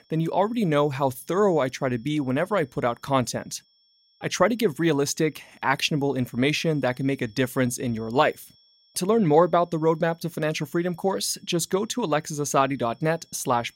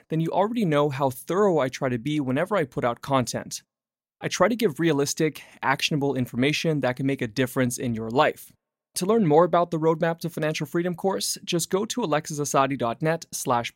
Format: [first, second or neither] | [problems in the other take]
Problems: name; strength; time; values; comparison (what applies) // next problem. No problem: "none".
second | high-pitched whine; faint; throughout; 5.5 kHz, 35 dB below the speech